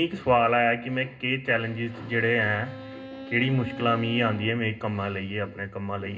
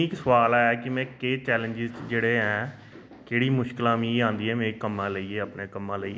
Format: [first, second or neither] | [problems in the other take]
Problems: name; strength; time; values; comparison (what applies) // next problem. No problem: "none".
second | background sound (Bowed string instrument); 16 dB below the speech // room echo; dies away in 0.2 s